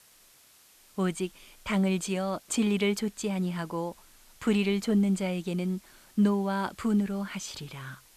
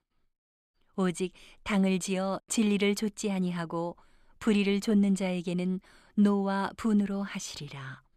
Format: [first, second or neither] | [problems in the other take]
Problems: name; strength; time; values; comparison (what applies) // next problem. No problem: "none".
second | hiss; faint; throughout; 25 dB below the speech